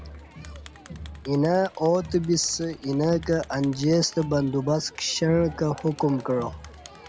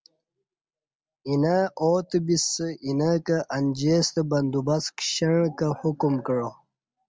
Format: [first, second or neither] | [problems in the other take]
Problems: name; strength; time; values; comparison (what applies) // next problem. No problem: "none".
second | background sound (Crowd); 17 dB below the speech